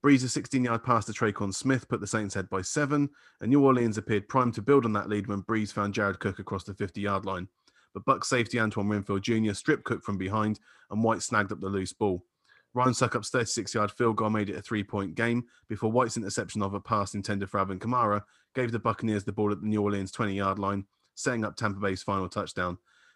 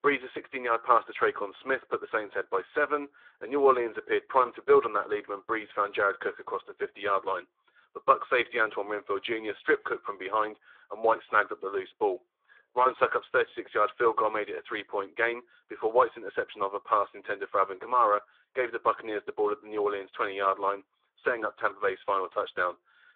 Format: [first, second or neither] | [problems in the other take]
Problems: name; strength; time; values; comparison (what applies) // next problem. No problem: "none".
first | phone-call audio